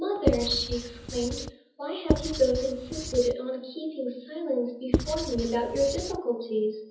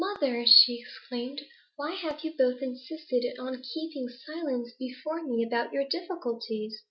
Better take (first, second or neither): second